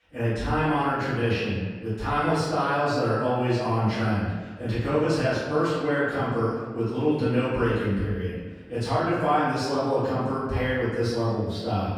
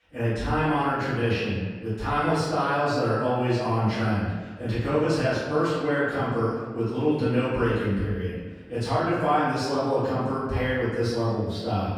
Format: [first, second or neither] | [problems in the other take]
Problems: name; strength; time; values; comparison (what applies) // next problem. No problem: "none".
neither | off-mic speech; far; the same in both // room echo; strong; dies away in 1.3 s; the same in both